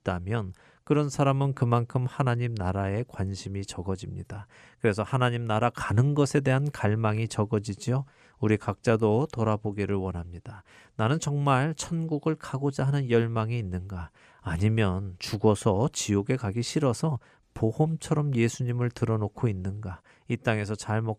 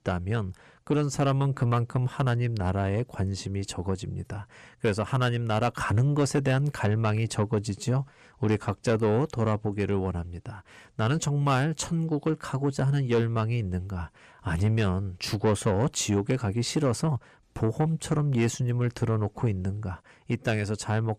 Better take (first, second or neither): first